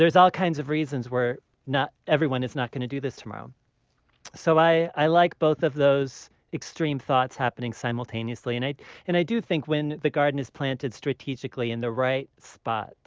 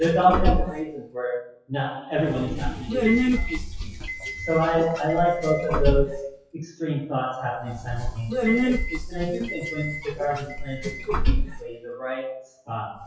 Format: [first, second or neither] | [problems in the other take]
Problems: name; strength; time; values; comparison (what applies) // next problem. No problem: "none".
first | noise reduction (classical method WPE with log-MMSE)